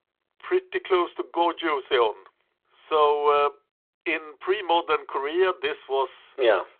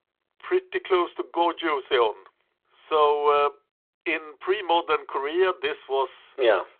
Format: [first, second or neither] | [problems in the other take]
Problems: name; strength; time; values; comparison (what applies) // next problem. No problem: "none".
neither | phone-call audio; the same in both